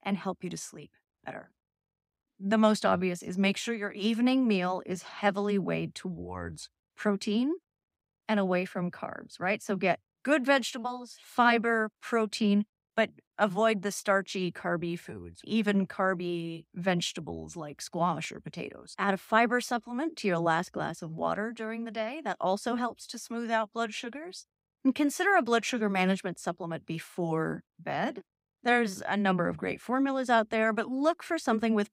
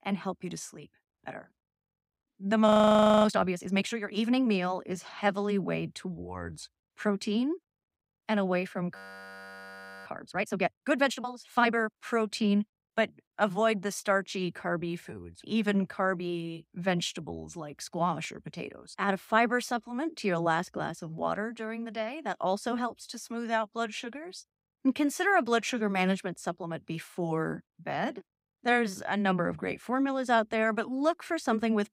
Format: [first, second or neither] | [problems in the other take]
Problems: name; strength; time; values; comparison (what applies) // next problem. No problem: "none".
first | audio freezing; at 2.5 s for 0.5 s and at 9 s for 1 s